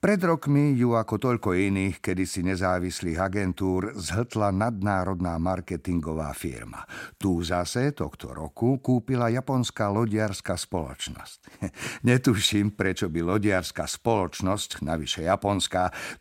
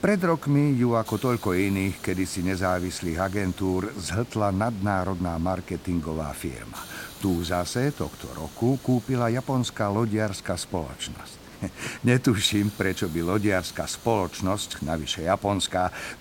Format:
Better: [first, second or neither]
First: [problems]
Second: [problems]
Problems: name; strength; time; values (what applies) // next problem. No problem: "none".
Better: first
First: none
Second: hiss; noticeable; throughout; 15 dB below the speech